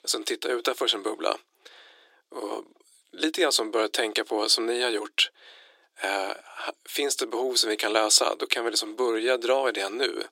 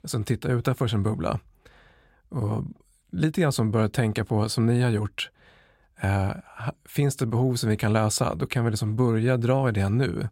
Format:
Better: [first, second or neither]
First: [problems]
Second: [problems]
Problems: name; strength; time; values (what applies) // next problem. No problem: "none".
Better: second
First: thin; very; fading below 300 Hz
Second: none